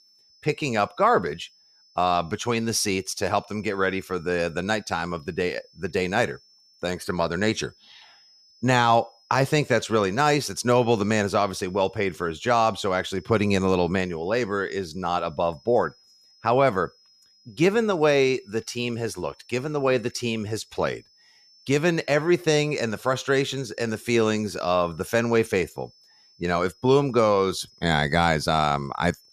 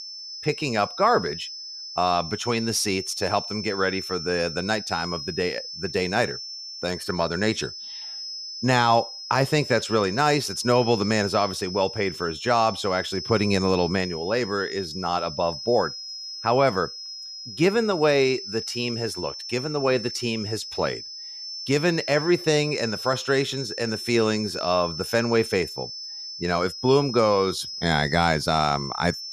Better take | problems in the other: first | high-pitched whine; loud; throughout; 5.5 kHz, 9 dB below the speech; faint in the first

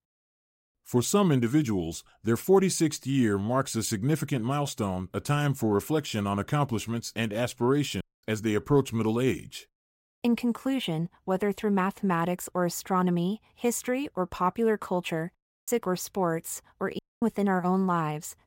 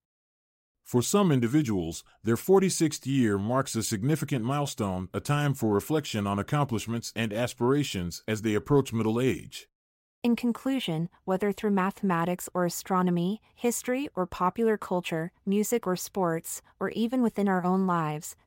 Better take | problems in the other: second | audio cutting out; at 8 s, at 15 s and at 17 s

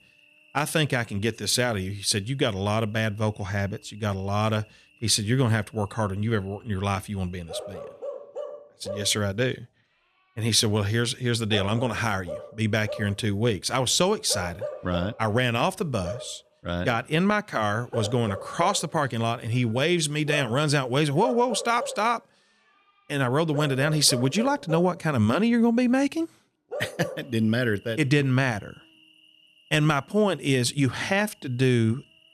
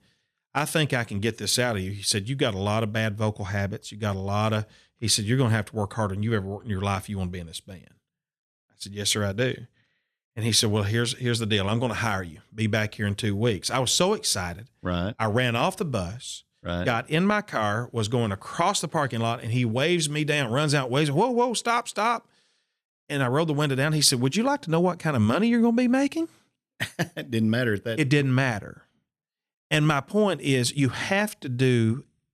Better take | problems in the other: second | animal sounds; noticeable; throughout; 10 dB below the speech

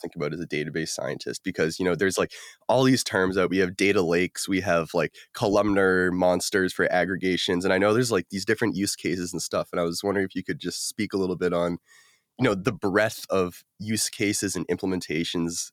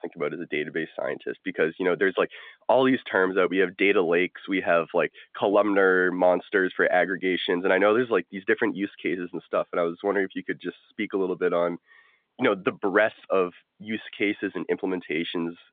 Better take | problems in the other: first | phone-call audio; nothing above 3.5 kHz

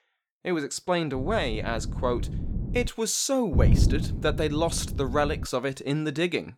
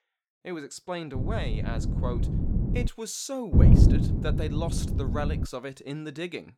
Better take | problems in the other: first | wind noise on the microphone; heavy; from 1 to 3 s and from 3.5 to 5.5 s; 1 dB below the speech; occasional gusts in the first

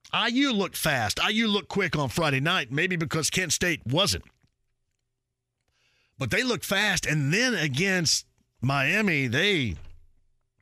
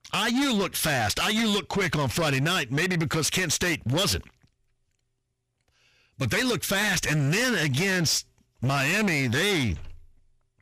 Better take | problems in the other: first | distortion; heavy; 21% of the sound clipped

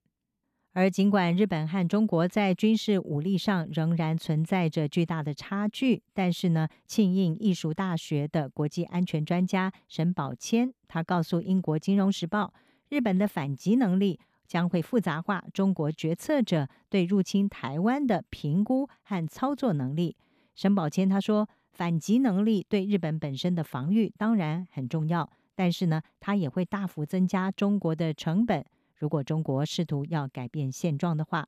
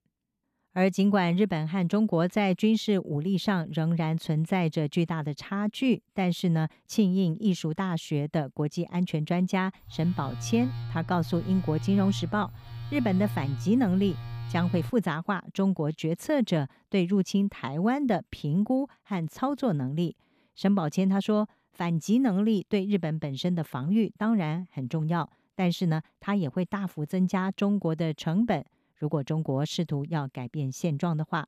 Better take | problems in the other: first | phone ringing; noticeable; from 10 to 15 s; peak 7 dB below the speech

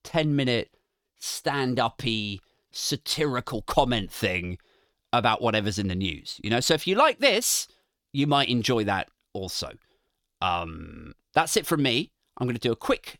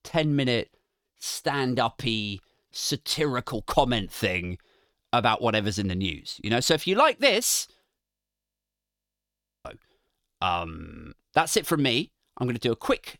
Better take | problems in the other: first | audio freezing; at 8 s for 1.5 s

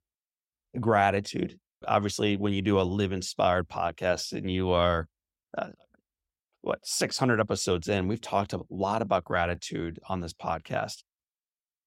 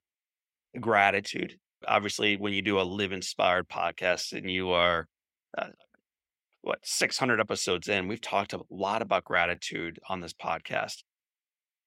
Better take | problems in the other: first | thin; very slightly; fading below 550 Hz

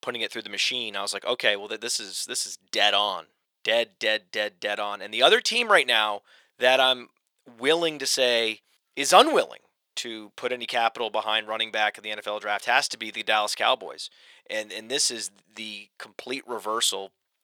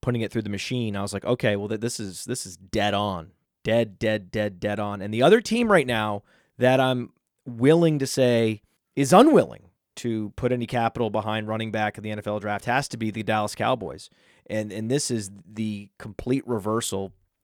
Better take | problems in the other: second | thin; very; fading below 650 Hz

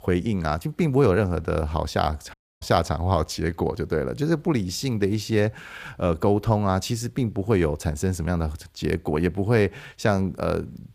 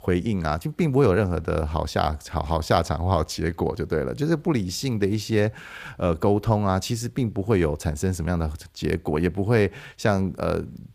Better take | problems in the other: second | audio cutting out; at 2.5 s

